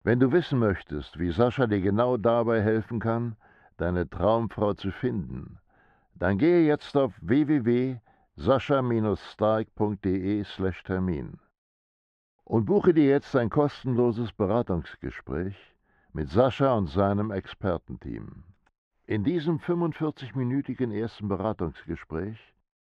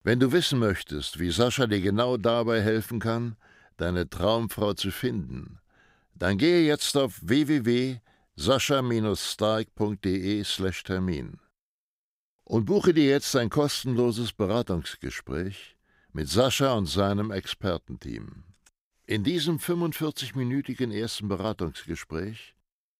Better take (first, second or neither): second